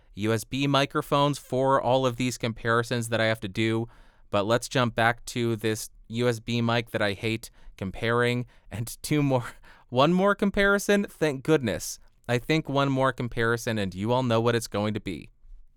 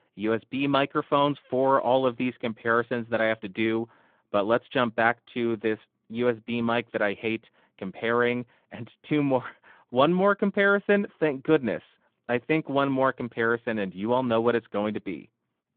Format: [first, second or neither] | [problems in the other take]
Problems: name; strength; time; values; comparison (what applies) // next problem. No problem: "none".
first | phone-call audio